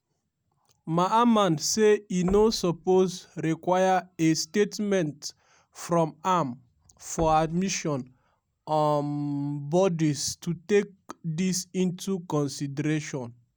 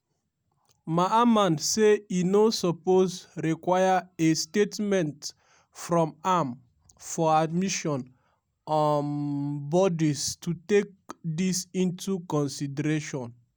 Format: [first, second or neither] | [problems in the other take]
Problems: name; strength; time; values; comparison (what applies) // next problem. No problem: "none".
second | background sound (Knock); 20 dB below the speech